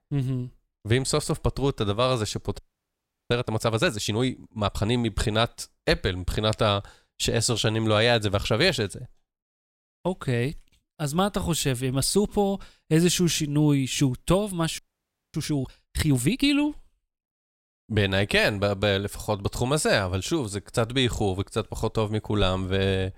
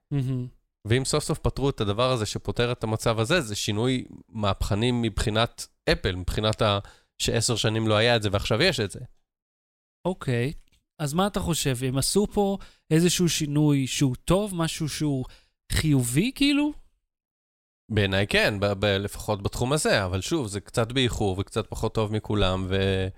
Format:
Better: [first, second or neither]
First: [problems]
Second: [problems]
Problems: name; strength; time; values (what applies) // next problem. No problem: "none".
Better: second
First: audio freezing; at 2.5 s for 0.5 s and at 15 s for 0.5 s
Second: none